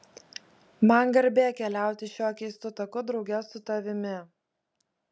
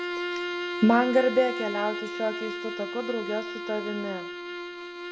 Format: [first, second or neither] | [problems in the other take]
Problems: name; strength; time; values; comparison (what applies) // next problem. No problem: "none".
first | background sound (Bowed string instrument); 5 dB below the speech // room echo; dies away in 0.5 s